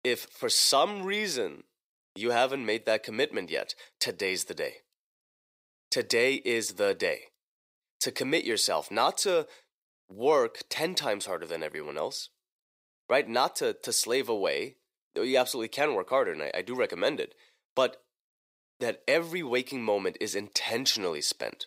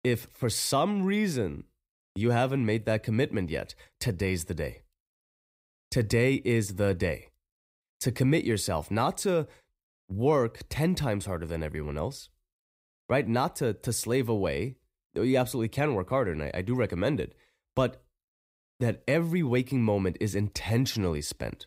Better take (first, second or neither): second